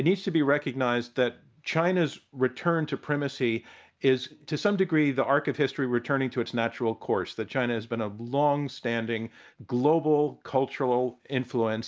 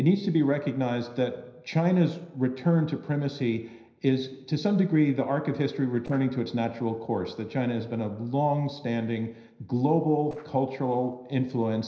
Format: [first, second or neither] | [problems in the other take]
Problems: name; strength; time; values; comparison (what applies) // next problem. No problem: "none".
first | noise reduction (neural separator model SepFormer DNS4)